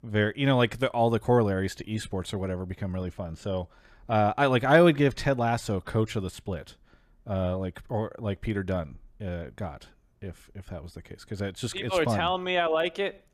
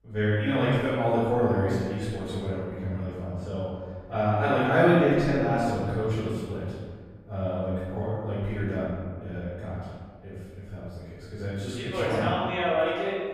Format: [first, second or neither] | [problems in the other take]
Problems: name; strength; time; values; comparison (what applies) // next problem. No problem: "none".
first | room echo; strong; dies away in 1.6 s // off-mic speech; far